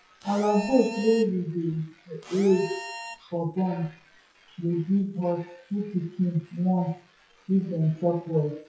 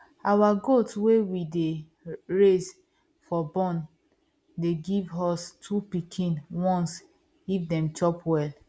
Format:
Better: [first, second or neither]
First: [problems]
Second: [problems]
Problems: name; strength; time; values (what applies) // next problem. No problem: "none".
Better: second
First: noise reduction (classical method WPE with log-MMSE)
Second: none